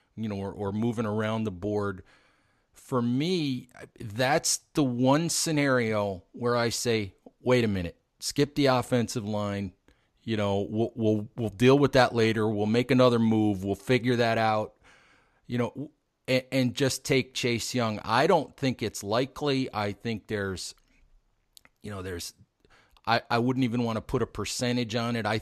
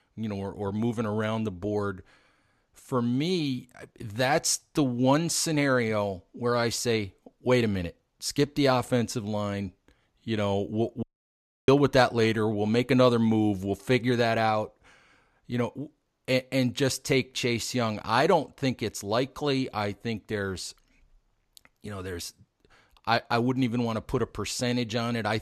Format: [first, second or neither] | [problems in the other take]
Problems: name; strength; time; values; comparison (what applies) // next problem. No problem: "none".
first | audio cutting out; at 11 s for 0.5 s